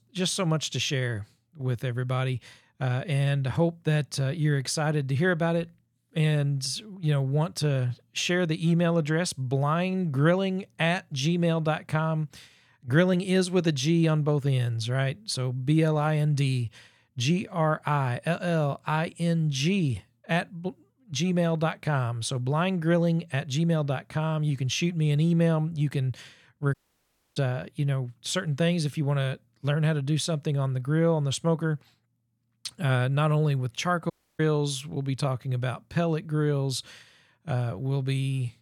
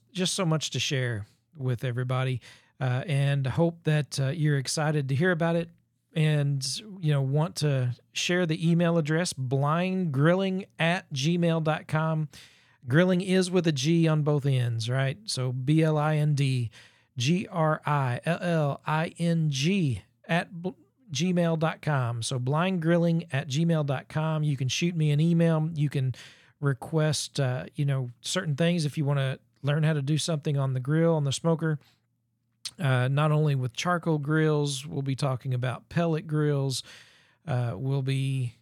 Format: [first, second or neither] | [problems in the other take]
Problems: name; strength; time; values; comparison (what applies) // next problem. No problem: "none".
second | audio cutting out; at 27 s for 0.5 s and at 34 s